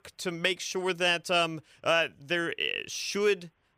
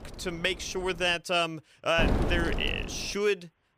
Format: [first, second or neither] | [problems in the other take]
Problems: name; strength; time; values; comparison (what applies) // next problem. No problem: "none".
first | wind noise on the microphone; heavy; until 1 s and from 2 to 3 s; 7 dB below the speech